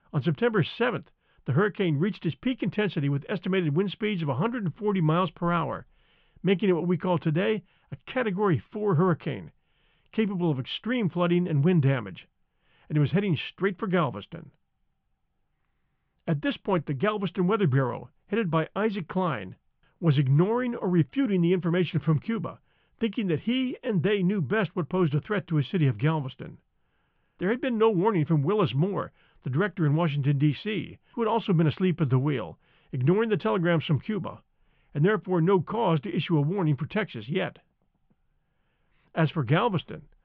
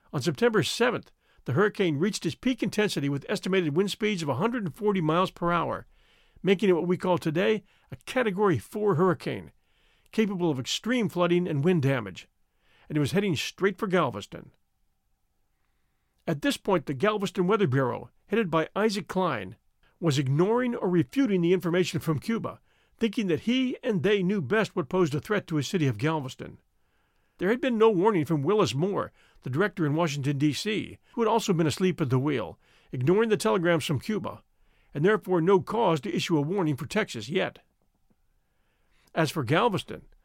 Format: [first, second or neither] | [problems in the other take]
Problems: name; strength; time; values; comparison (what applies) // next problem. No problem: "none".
second | muffled; very; fading above 3 kHz